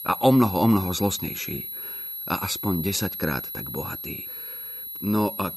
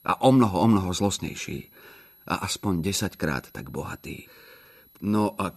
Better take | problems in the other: second | high-pitched whine; loud; throughout; 11.5 kHz, 7 dB below the speech; faint in the second

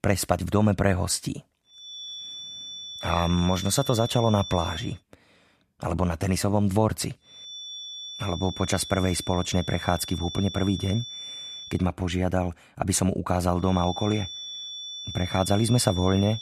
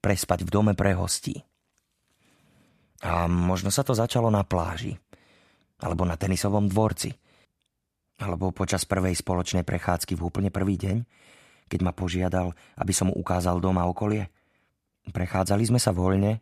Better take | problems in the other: second | high-pitched whine; loud; from 2 to 5 s, from 7.5 to 12 s and from 14 s on; 3.5 kHz, 10 dB below the speech

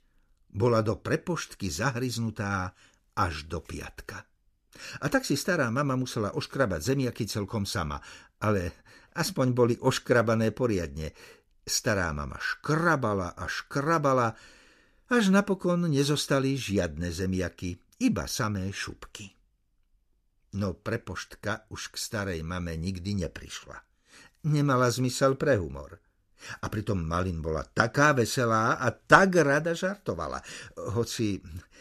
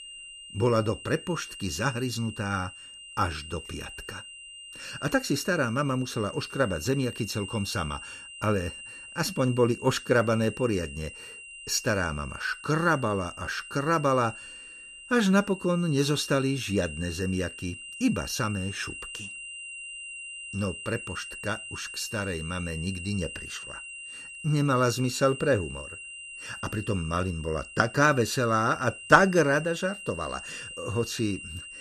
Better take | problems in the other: first | high-pitched whine; noticeable; throughout; 3 kHz, 10 dB below the speech

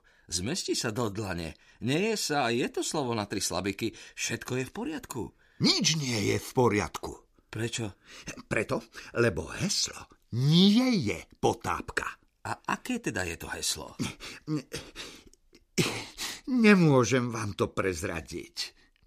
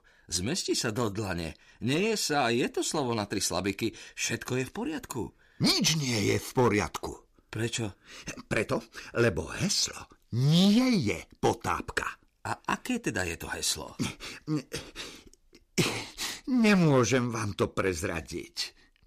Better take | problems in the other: first | distortion; slight; 3% of the sound clipped

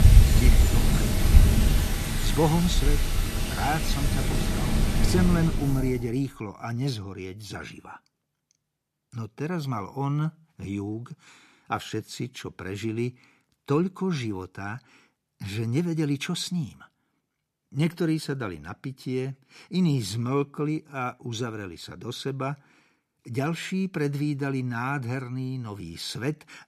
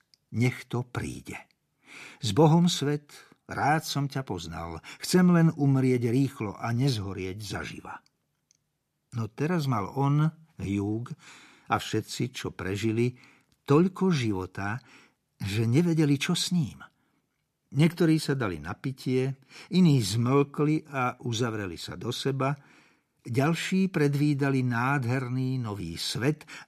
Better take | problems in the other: second | wind in the background; very loud; until 5.5 s; 5 dB above the speech

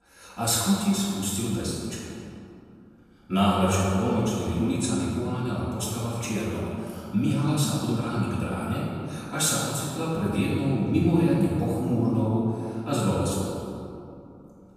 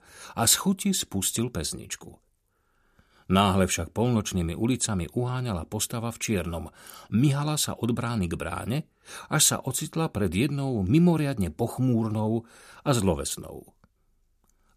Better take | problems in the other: second | off-mic speech; far // room echo; strong; dies away in 2.2 s

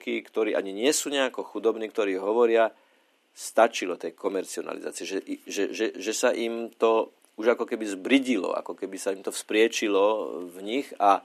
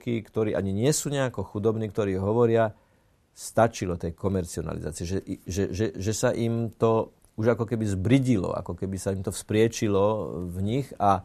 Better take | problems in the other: second | thin; somewhat; fading below 250 Hz

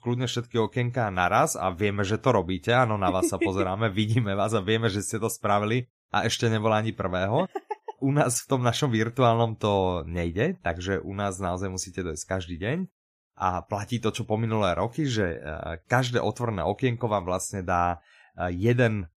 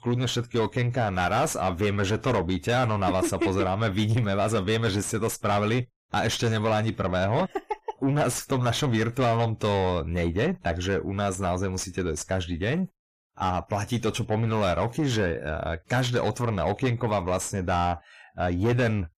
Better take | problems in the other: first | distortion; heavy; 7 dB below the speech

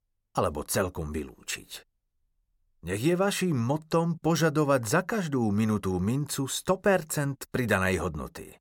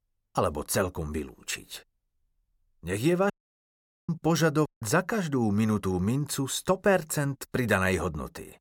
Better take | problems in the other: first | audio cutting out; at 3.5 s for 1 s and at 4.5 s

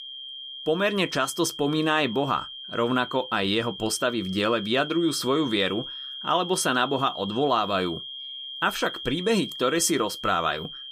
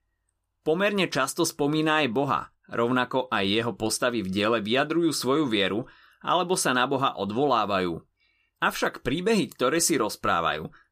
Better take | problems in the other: second | high-pitched whine; loud; throughout; 3 kHz, 10 dB below the speech

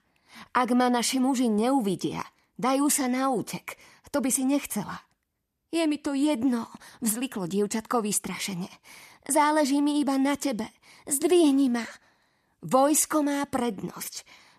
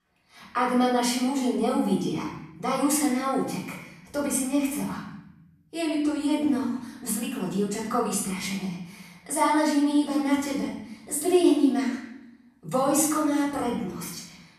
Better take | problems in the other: first | off-mic speech; far // room echo; noticeable; dies away in 0.9 s

